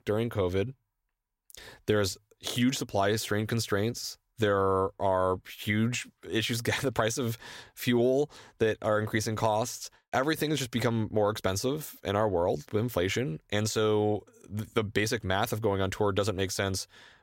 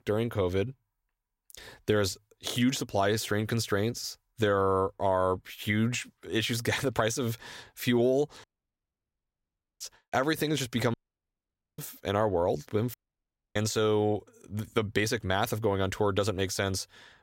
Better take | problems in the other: first | audio cutting out; at 8.5 s for 1.5 s, at 11 s for 1 s and at 13 s for 0.5 s

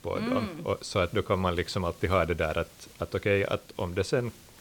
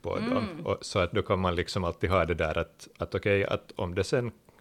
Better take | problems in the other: second | hiss; faint; throughout; 25 dB below the speech

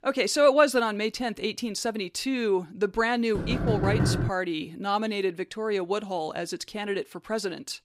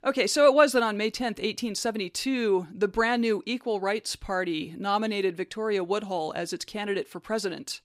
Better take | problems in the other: second | door banging; loud; at 3.5 s; peak 2 dB above the speech

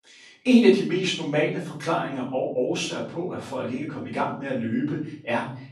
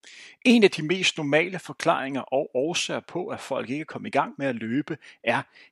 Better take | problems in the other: second | off-mic speech; far // room echo; noticeable; dies away in 0.7 s

